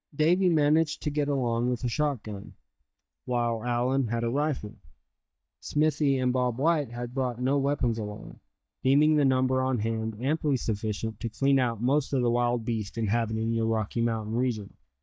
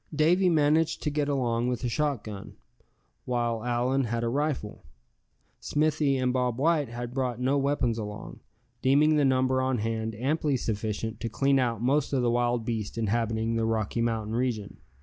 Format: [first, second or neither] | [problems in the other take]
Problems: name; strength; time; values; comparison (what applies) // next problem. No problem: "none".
second | noise reduction (neural mask model DeepFilterNet 3)